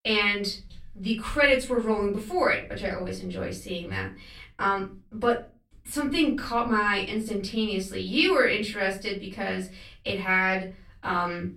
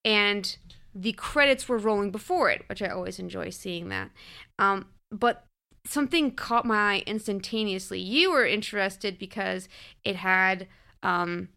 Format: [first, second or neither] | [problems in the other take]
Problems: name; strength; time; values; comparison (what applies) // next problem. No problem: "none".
second | off-mic speech; far // room echo; very slight; dies away in 0.3 s